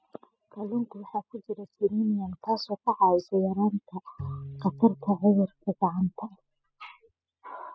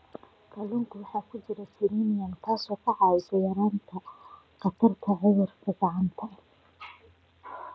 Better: second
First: noise reduction (classical method spectral subtraction)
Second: none

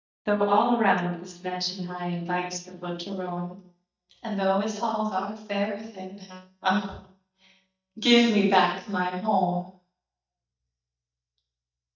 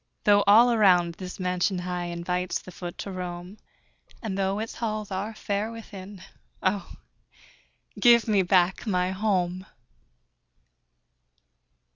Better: second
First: noise reduction (neural mask model DeepFilterNet 3)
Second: none

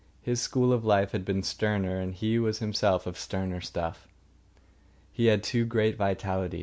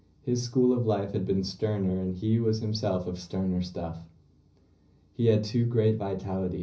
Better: first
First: none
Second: room echo; dies away in 0.5 s

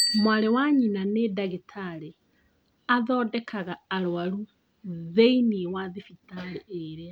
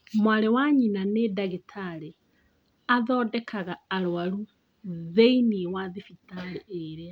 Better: second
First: background sound (Bicycle bell); 13 dB below the speech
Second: none

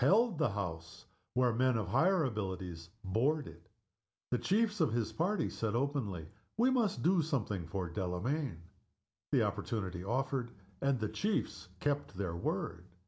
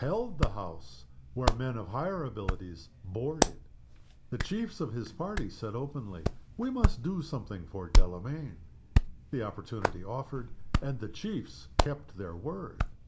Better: first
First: none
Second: background sound (Hands); 5 dB above the speech

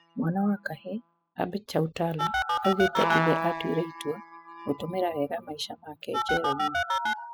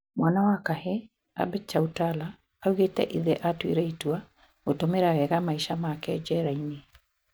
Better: second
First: noise reduction (classical method spectral subtraction)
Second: none

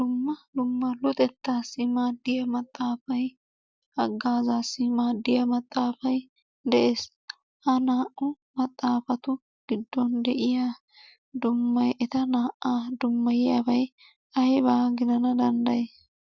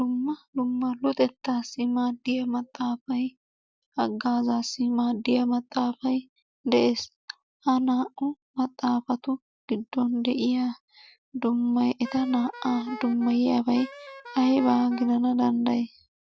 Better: first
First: none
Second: background sound (Wind instrument, woodwind instrument); 16 dB below the speech

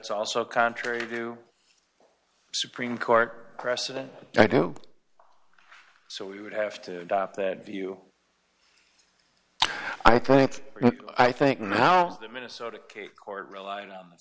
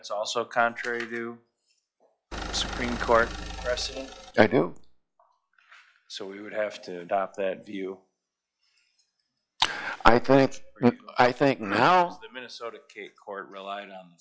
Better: first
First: none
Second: noise reduction (classical method log-MMSE)

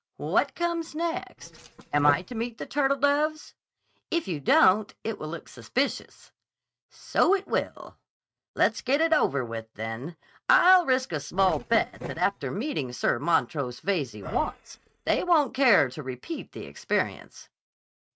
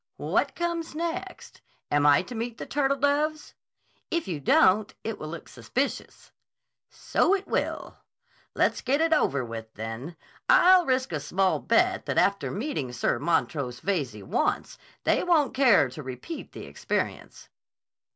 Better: second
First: noise reduction (neural mask model RNNoise)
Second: none

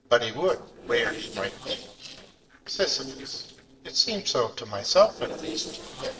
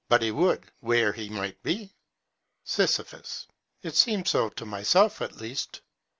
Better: second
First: noise reduction (neural separator model SepFormer DNS4)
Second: none

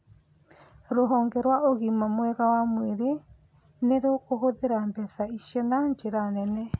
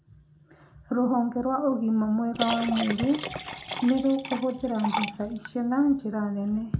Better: first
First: none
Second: background sound (Liquid); 8 dB below the speech // room echo; dies away in 0.4 s

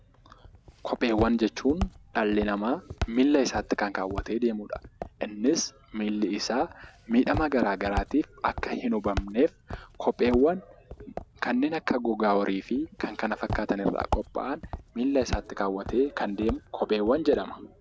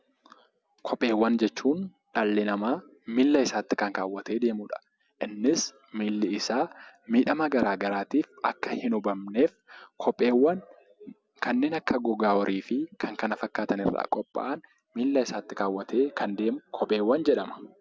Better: second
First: background sound (Walk, footsteps); 11 dB below the speech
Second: none

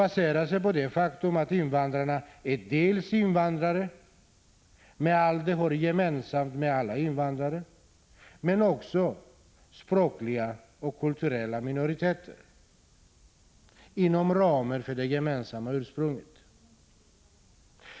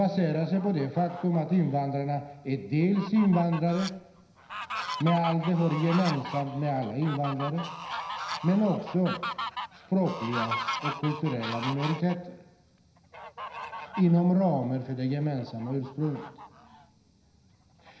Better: first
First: none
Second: background sound (Fowl); 11 dB below the speech // room echo; dies away in 0.9 s

